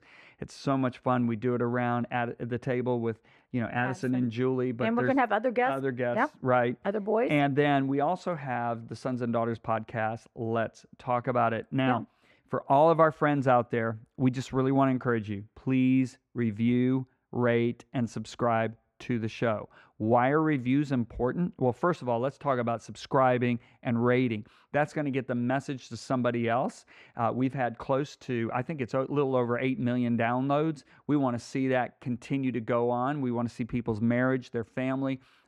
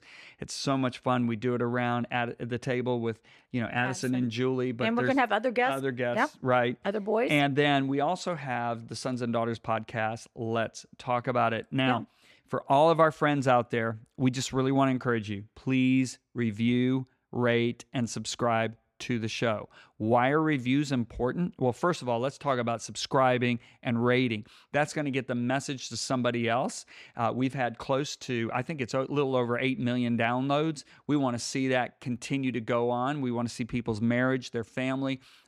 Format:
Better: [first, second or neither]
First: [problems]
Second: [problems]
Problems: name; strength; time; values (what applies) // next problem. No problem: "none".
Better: second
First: muffled; slightly; fading above 2.5 kHz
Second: none